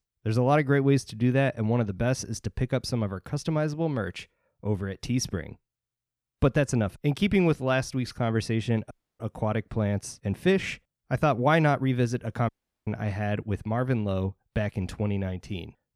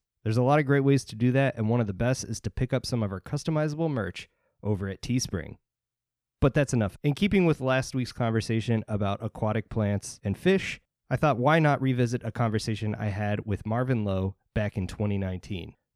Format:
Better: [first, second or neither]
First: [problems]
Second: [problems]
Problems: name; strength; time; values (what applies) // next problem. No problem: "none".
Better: second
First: audio cutting out; at 9 s and at 12 s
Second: none